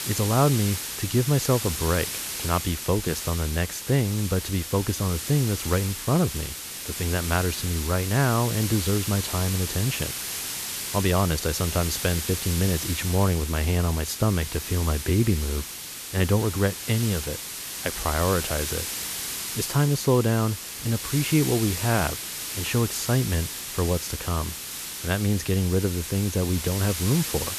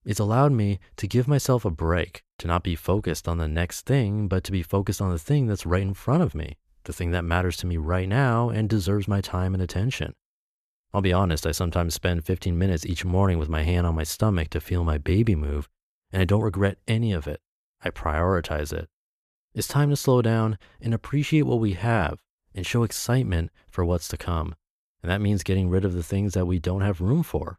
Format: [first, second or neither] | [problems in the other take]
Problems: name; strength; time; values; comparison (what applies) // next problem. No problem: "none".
second | hiss; loud; throughout; 5 dB below the speech